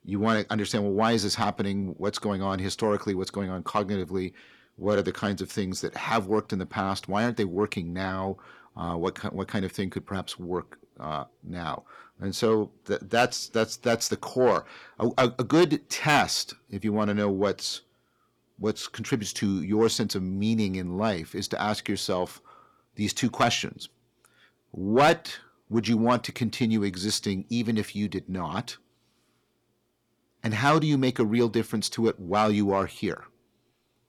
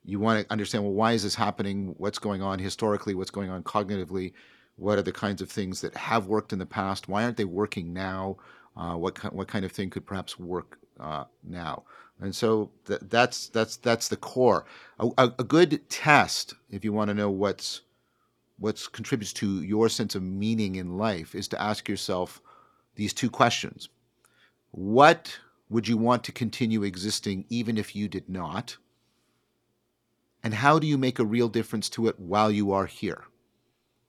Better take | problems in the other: second | distortion; slight; 10 dB below the speech

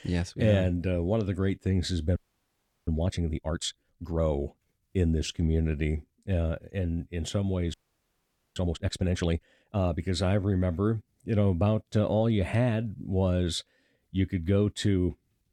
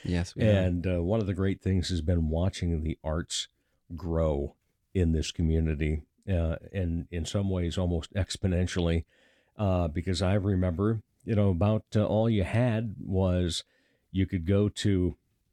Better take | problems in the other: second | audio freezing; at 2 s for 0.5 s and at 7.5 s for 1 s

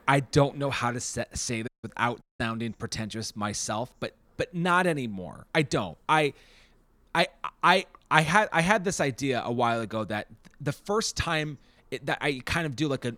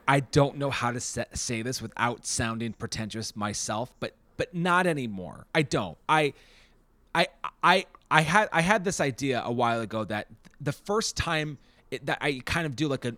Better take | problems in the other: second | audio cutting out; at 1.5 s and at 2 s

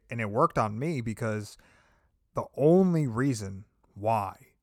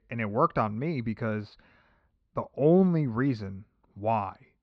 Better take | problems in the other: first | muffled; slightly; fading above 4.5 kHz

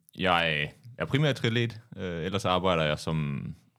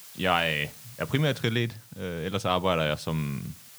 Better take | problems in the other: first | hiss; noticeable; throughout; 20 dB below the speech

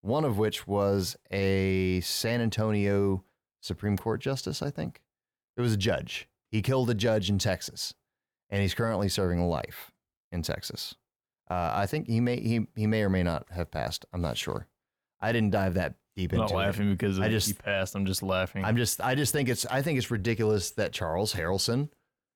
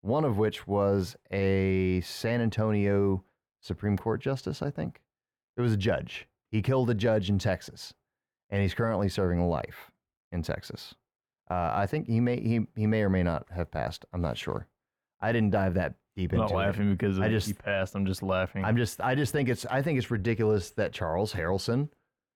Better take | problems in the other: first | muffled; slightly; fading above 3 kHz

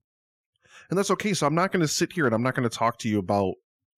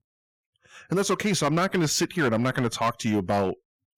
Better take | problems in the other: first | distortion; slight; 8% of the sound clipped

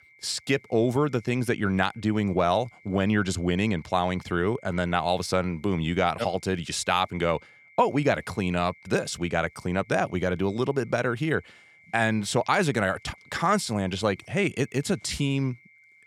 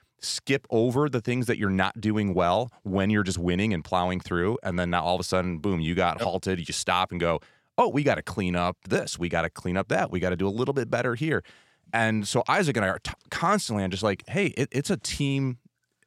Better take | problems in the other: second | high-pitched whine; faint; throughout; 2 kHz, 25 dB below the speech

